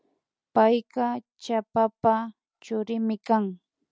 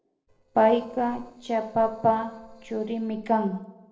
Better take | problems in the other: first | noise reduction (neural separator model SepFormer DNS4)

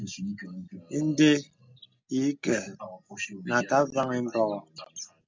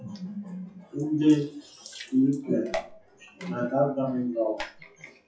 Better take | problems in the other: first | noise reduction (classical method WPE with log-MMSE)

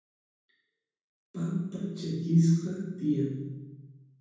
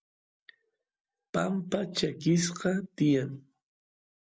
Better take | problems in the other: second | room echo; dies away in 1.1 s

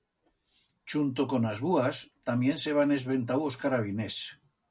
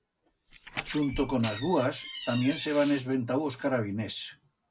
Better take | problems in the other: first | background sound (Door); 11 dB below the speech

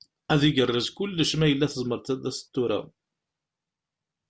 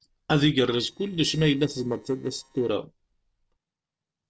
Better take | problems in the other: first | noise reduction (neural separator model SepFormer DNS4)

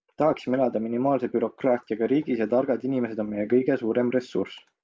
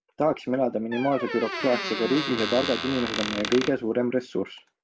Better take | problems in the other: first | background sound (Squeak); 6 dB below the speech

